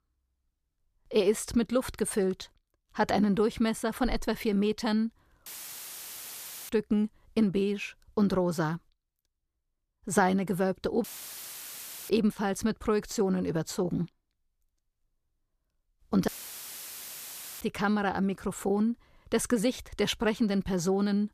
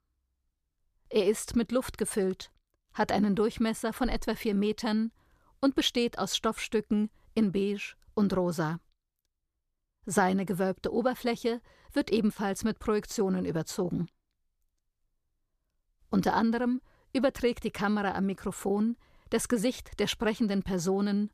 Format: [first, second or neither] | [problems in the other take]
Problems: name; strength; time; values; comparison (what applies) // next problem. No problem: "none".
second | audio cutting out; filled with static; at 5.5 s for 1 s, at 11 s for 1 s and at 16 s for 1.5 s